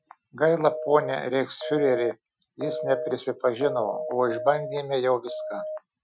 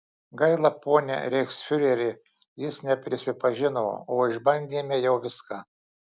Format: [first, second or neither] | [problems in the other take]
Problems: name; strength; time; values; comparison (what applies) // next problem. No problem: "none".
second | noise reduction (classical method Wiener filter)